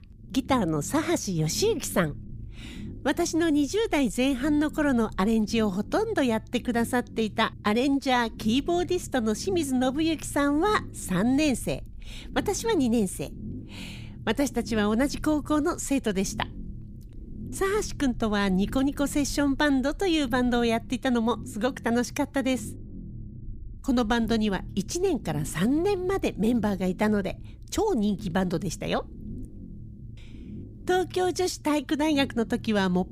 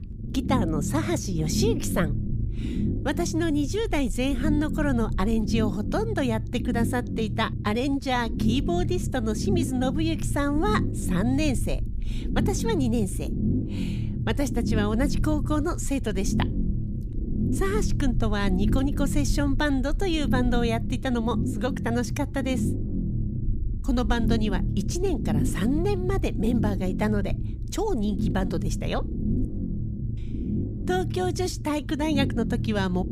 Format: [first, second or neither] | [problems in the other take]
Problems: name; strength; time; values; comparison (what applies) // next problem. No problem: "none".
first | low rumble; loud; throughout; 8 dB below the speech; faint in the first